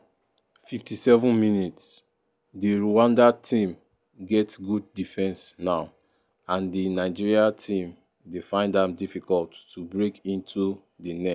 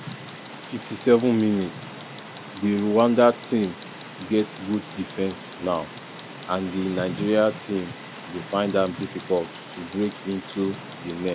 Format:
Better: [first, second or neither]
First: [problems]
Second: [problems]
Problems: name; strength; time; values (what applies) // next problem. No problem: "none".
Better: first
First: none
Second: background sound (Tick); 13 dB below the speech